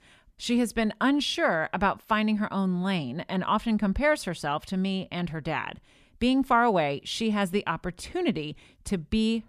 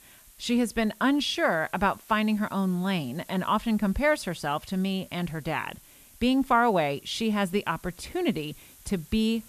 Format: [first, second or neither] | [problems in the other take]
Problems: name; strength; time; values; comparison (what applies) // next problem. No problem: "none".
first | hiss; faint; throughout; 25 dB below the speech